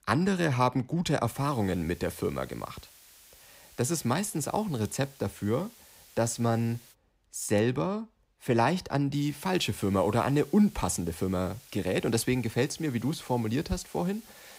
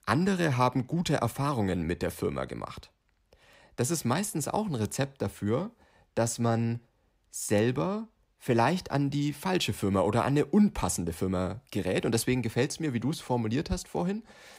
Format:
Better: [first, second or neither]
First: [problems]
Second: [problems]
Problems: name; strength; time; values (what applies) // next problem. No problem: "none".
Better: second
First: hiss; faint; from 1.5 to 7 s and from 9 s on; 25 dB below the speech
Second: none